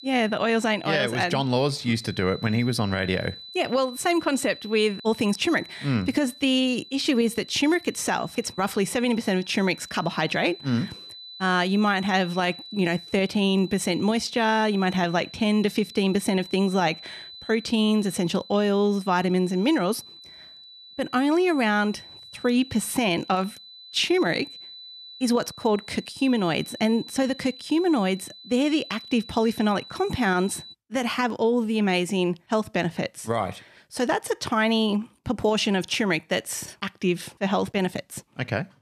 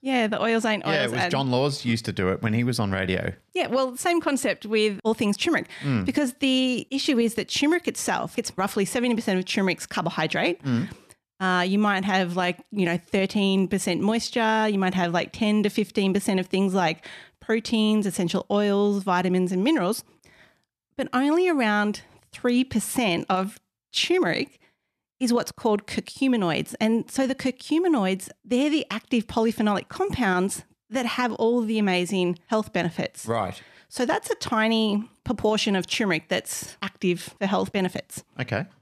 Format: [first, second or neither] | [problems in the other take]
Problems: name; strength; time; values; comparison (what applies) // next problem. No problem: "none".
second | high-pitched whine; noticeable; until 31 s; 4 kHz, 15 dB below the speech